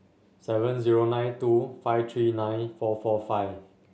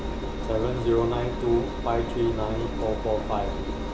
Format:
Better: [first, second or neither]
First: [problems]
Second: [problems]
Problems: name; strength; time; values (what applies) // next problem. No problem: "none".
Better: first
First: none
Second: background sound (Engine); 3 dB below the speech